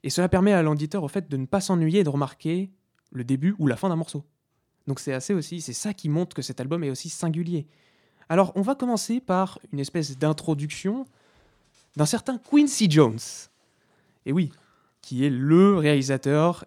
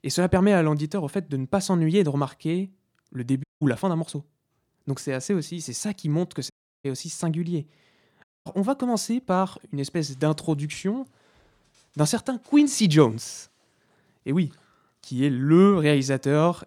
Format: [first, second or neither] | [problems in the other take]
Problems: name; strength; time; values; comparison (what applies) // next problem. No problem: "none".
first | audio cutting out; at 3.5 s, at 6.5 s and at 8 s